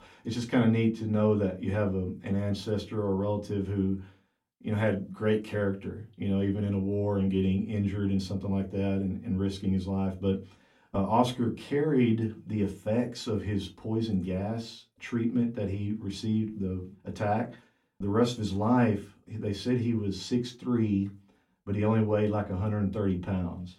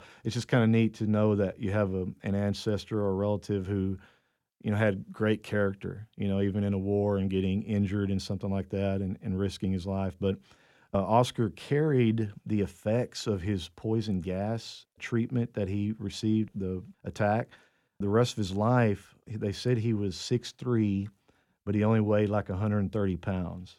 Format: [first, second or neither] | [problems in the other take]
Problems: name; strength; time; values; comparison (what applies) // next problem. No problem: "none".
second | off-mic speech; far // room echo; very slight; dies away in 0.2 s